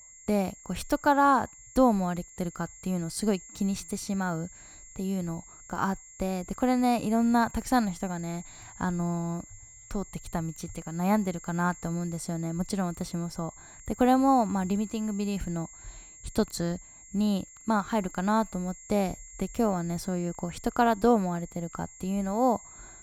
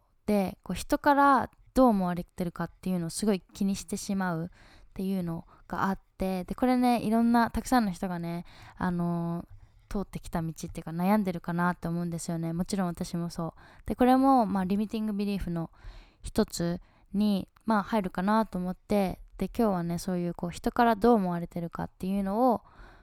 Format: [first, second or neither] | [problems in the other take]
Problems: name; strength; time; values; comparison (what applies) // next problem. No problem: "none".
second | high-pitched whine; noticeable; throughout; 7.5 kHz, 20 dB below the speech